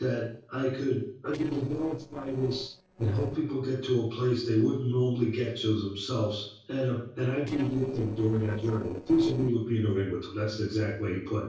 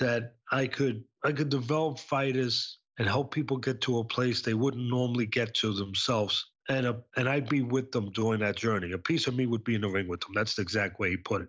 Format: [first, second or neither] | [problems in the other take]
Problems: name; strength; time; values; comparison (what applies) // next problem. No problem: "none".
second | noise reduction (neural separator model SepFormer DNS4)